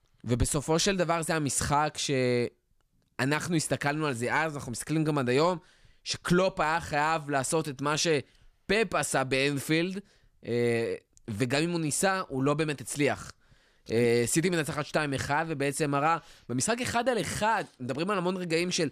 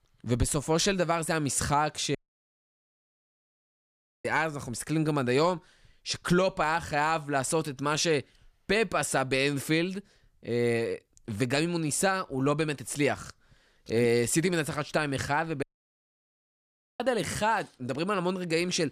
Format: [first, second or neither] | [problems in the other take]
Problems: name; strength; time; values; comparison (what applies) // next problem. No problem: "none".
first | audio cutting out; at 2 s for 2 s and at 16 s for 1.5 s